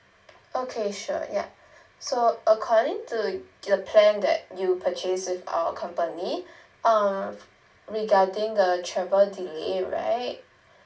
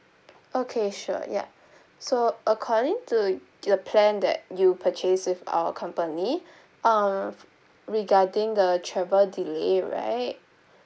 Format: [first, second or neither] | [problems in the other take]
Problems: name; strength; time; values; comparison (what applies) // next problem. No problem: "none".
second | room echo; dies away in 0.2 s